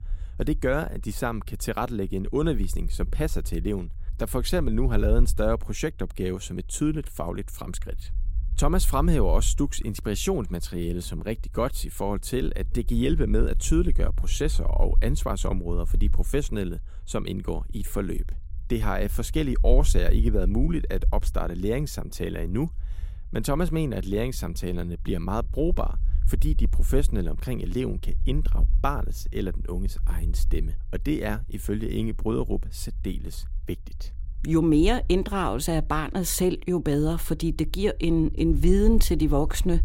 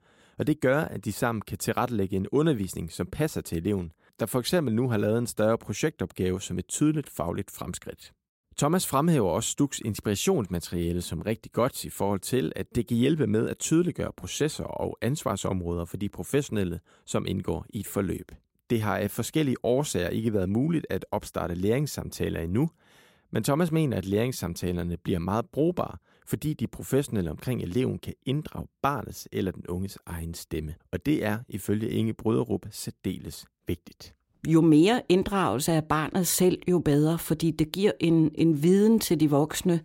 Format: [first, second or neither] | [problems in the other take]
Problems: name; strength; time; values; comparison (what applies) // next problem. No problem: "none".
second | low rumble; faint; throughout; 25 dB below the speech